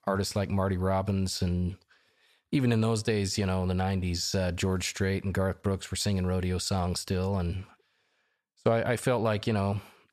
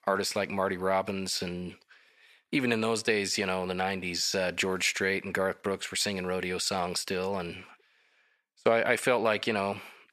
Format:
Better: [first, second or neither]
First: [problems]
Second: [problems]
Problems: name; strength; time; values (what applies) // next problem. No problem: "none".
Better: first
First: none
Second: thin; somewhat; fading below 300 Hz